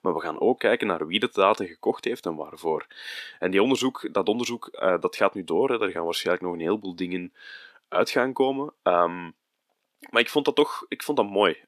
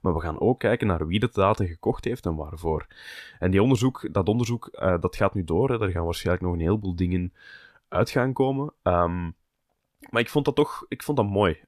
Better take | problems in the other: second | thin; somewhat; fading below 250 Hz

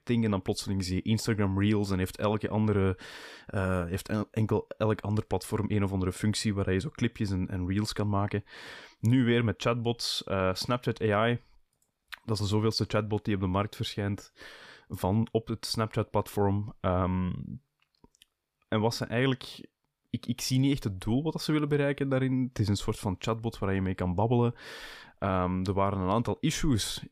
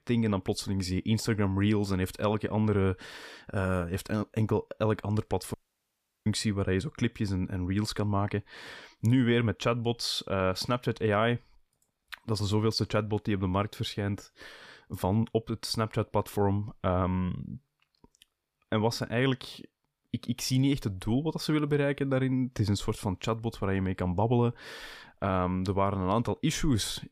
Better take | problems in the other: first | audio cutting out; at 5.5 s for 0.5 s

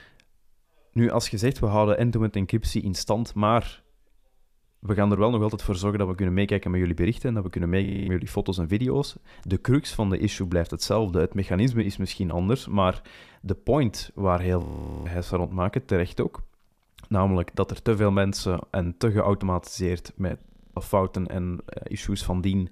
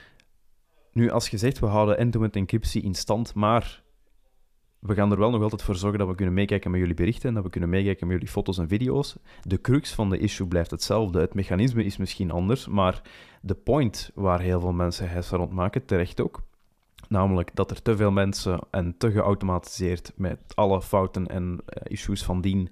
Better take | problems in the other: second | audio freezing; at 8 s, at 15 s and at 20 s

